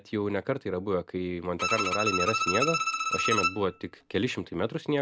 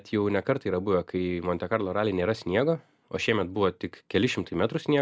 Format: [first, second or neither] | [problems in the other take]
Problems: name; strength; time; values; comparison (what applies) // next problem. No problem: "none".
second | background sound (Bowed string instrument); 1 dB above the speech